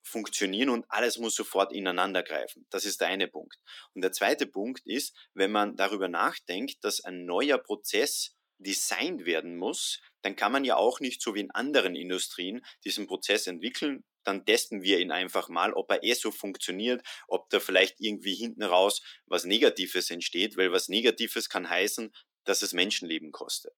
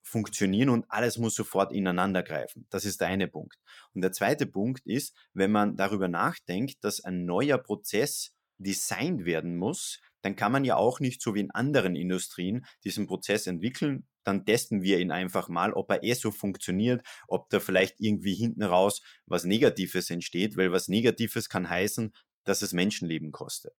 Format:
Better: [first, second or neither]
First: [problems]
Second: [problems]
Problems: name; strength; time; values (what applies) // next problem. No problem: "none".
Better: second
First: thin; very slightly; fading below 250 Hz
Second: none